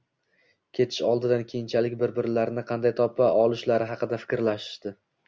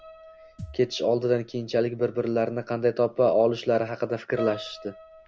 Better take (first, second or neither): first